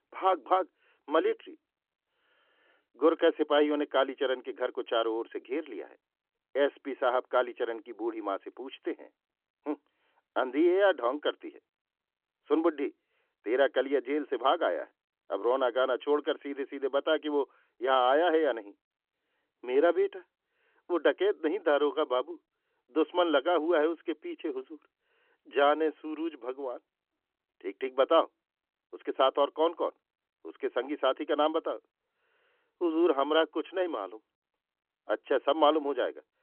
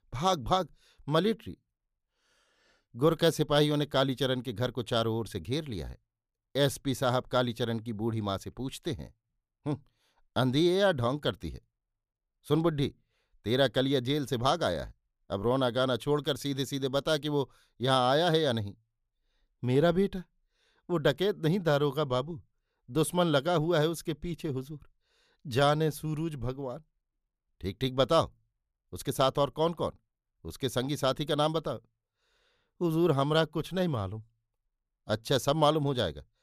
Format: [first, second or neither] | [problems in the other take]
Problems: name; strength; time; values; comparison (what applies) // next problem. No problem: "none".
second | phone-call audio; nothing above 3.5 kHz